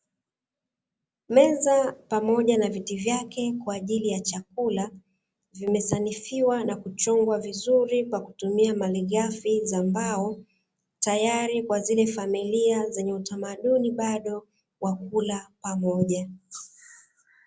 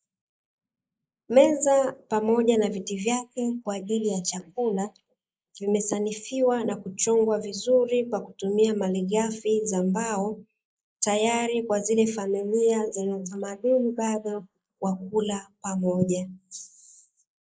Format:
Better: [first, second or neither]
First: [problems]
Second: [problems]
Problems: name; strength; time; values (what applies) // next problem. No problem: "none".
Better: first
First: none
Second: noise reduction (neural mask model Resemble Enhance denoiser)